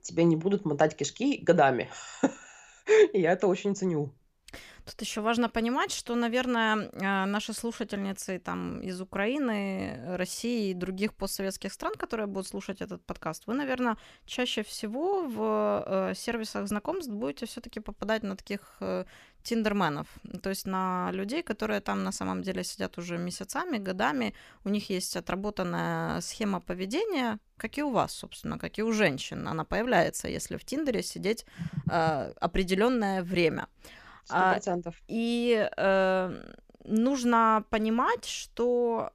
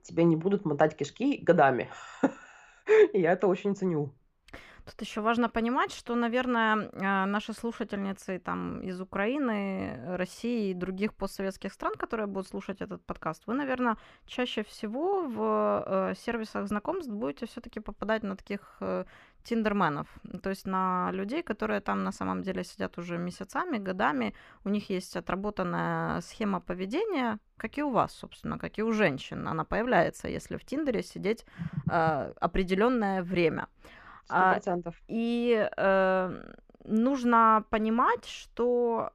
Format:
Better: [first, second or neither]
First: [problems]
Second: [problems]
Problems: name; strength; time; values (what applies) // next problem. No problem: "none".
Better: first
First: none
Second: muffled; slightly; fading above 3.5 kHz